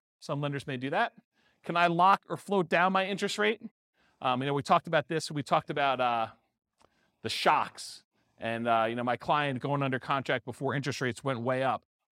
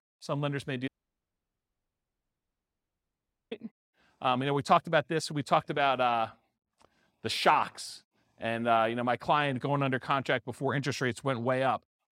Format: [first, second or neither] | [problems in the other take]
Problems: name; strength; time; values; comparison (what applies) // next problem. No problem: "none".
first | audio cutting out; at 1 s for 2.5 s